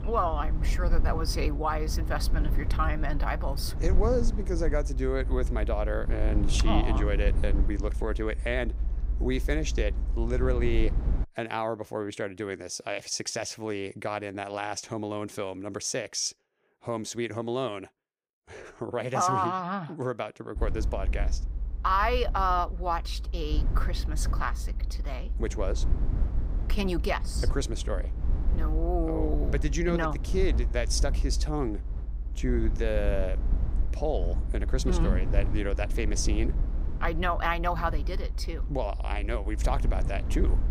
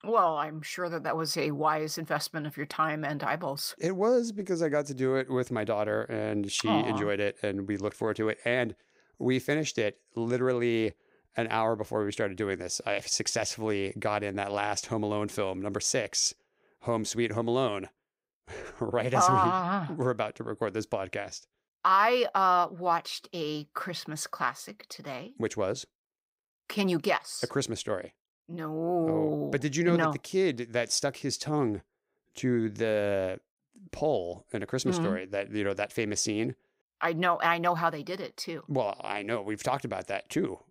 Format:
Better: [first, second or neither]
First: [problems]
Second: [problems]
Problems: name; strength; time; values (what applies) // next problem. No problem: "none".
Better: second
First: low rumble; noticeable; until 11 s and from 21 s on; 15 dB below the speech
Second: none